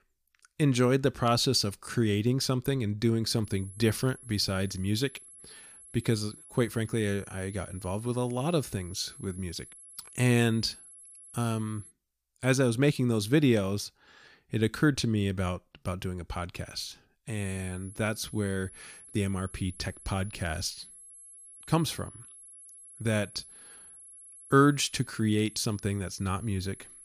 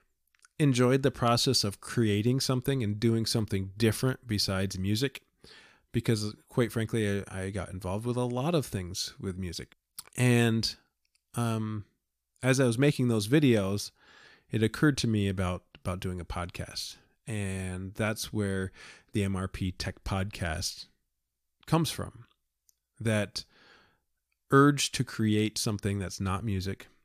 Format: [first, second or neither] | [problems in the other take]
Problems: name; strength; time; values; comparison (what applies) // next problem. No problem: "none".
second | high-pitched whine; noticeable; from 3.5 to 12 s and from 17 s on; 11 kHz, 20 dB below the speech